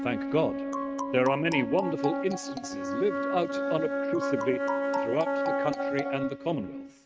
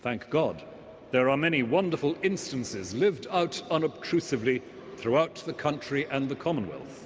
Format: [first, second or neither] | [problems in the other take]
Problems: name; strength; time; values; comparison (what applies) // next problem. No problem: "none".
second | noise reduction (neural mask model RNNoise)